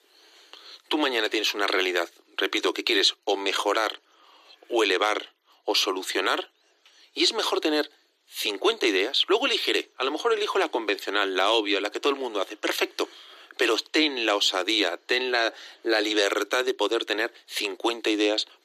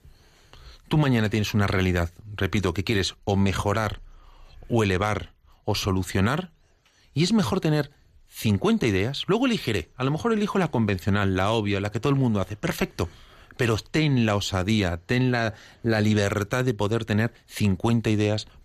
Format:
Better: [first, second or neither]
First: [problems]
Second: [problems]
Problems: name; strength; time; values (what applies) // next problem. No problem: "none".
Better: second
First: thin; very; fading below 300 Hz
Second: none